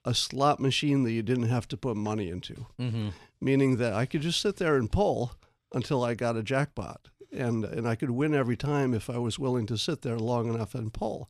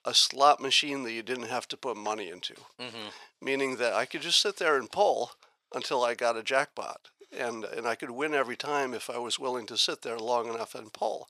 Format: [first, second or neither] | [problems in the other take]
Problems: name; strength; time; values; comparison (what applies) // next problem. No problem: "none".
first | thin; very; fading below 650 Hz